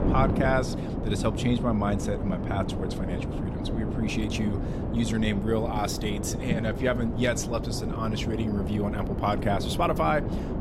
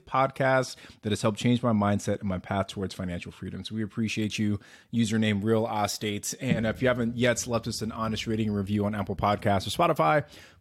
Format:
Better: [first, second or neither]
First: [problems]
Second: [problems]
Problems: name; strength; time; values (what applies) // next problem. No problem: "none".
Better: second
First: wind noise on the microphone; heavy; 7 dB below the speech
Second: none